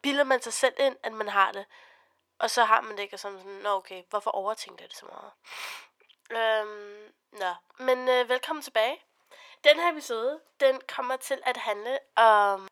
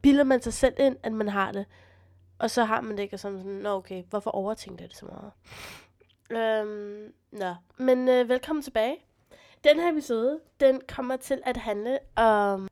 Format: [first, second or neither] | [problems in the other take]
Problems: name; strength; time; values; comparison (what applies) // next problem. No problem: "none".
second | thin; somewhat; fading below 650 Hz